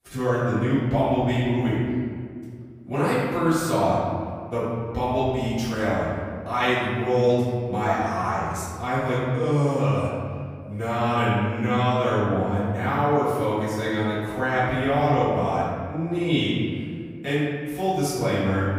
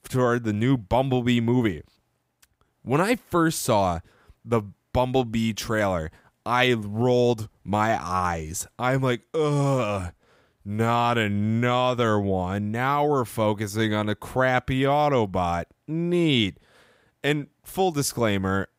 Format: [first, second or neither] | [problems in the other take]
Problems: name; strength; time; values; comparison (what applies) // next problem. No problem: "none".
second | off-mic speech; far // room echo; strong; dies away in 1.9 s